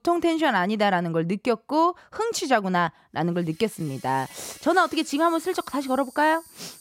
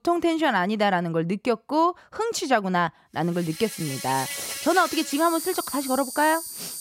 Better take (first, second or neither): first